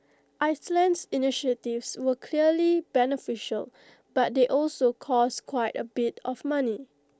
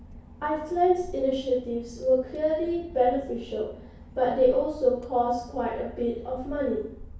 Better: first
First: none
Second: background sound (Engine / Boat, Water vehicle); 17 dB below the speech // room echo; dies away in 0.6 s

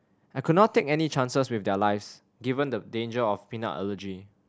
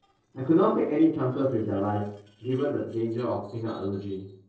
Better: first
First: none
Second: noise reduction (neural separator model SepFormer DNS4)

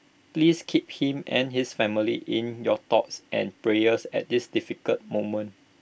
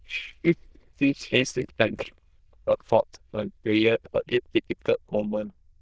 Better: first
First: none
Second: noise reduction (neural diffusion model UNIVERSE++)

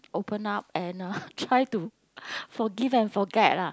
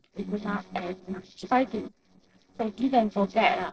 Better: first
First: none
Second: noise reduction (neural separator model SepFormer DNS4)

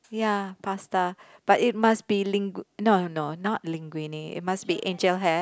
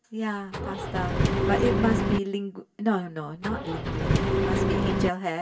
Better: first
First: none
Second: background sound (Engine); 4 dB above the speech // room echo; dies away in 0.1 s

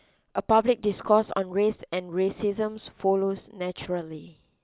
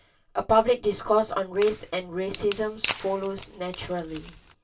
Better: first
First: none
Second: background sound (Wood); 13 dB below the speech // room echo; dies away in 0.2 s

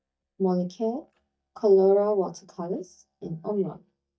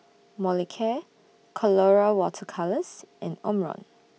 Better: second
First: noise reduction (neural mask model DeepFilterNet 3)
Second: none

